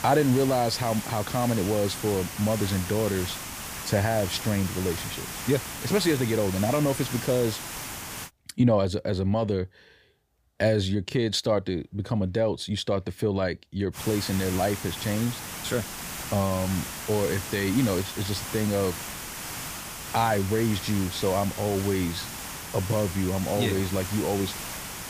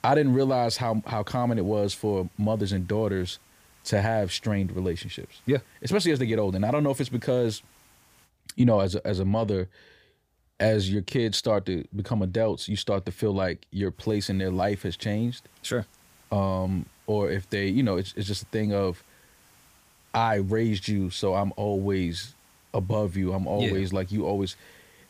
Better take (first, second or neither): second